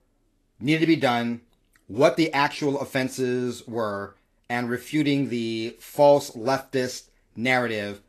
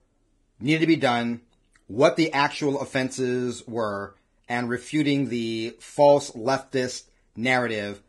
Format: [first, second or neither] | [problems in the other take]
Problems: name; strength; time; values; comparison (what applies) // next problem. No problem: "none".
first | garbled, watery; badly; nothing above 10.5 kHz; slightly in the first